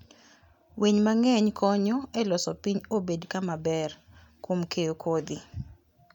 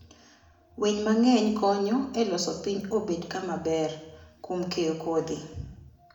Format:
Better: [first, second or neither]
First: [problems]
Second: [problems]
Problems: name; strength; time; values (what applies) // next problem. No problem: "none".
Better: first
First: none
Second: room echo; dies away in 0.8 s